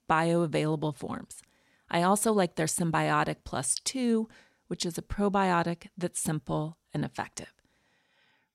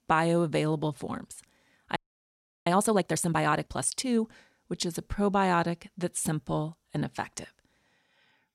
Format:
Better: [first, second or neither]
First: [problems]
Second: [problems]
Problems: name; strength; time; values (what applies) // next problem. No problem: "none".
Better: first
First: none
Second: audio freezing; at 2 s for 0.5 s